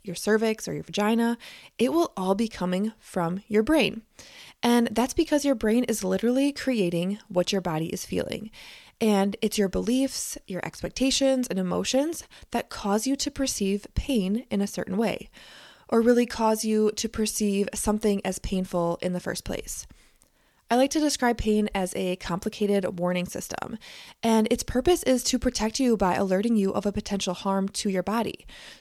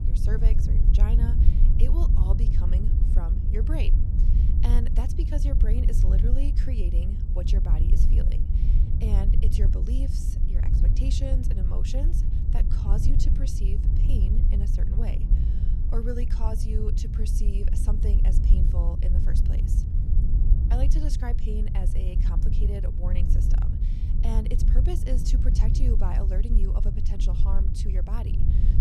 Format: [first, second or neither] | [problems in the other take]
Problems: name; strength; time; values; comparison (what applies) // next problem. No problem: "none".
first | wind noise on the microphone; heavy; 2 dB below the speech